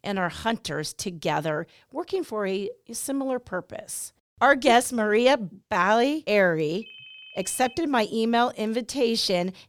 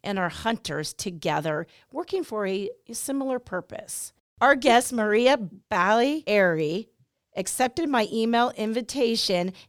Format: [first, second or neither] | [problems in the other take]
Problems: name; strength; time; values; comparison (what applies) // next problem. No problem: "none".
second | phone ringing; faint; at 7 s; peak 20 dB below the speech